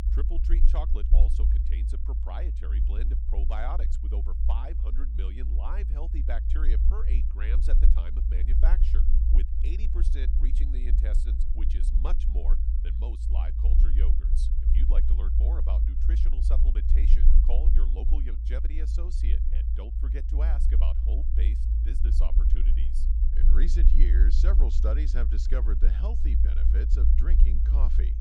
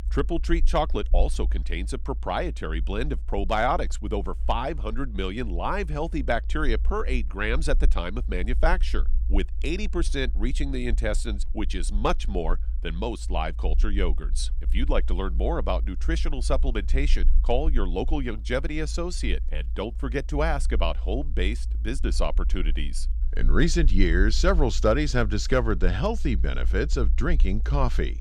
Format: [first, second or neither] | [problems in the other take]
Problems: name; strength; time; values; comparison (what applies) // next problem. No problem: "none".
second | low rumble; loud; throughout; 3 dB below the speech; faint in the second